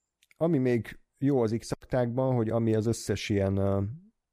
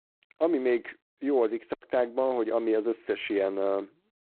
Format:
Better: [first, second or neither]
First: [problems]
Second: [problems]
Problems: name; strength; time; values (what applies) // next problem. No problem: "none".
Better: first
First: none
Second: phone-call audio; poor line